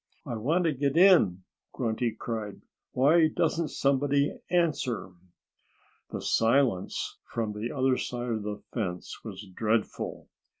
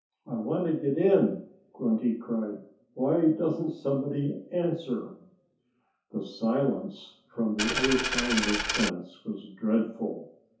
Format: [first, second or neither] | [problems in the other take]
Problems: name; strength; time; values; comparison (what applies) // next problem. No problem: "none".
first | background sound (Coin (dropping)); as loud as the speech // room echo; dies away in 0.5 s